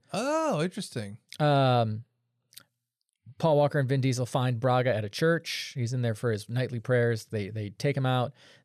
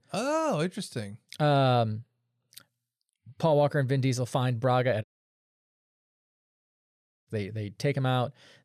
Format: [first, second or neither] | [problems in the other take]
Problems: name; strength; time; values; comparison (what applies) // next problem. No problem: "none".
first | audio cutting out; at 5 s for 2 s